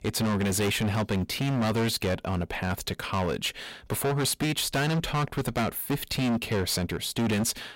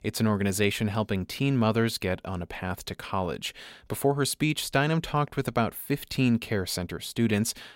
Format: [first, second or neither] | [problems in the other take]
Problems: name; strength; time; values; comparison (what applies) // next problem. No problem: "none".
second | distortion; heavy; 22% of the sound clipped